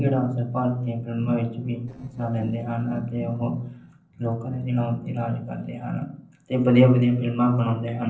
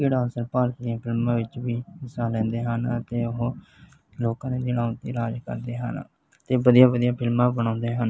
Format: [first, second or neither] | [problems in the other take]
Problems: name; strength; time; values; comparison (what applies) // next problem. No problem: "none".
second | noise reduction (neural separator model SepFormer DNS4)